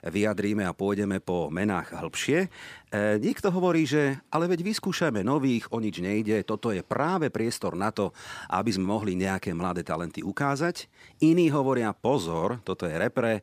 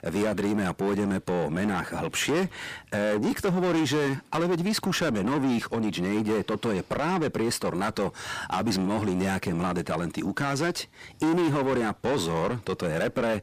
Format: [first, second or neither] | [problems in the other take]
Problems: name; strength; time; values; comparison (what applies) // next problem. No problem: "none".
first | distortion; heavy; 6 dB below the speech